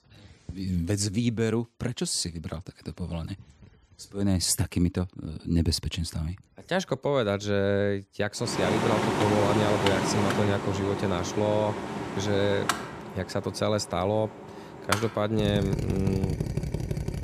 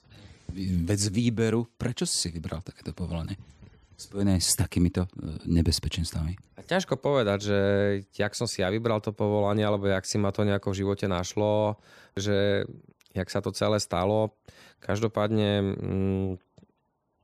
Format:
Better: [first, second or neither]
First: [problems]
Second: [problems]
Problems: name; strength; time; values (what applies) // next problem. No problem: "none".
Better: second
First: machinery noise; loud; from 8.5 s on; 3 dB below the speech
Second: none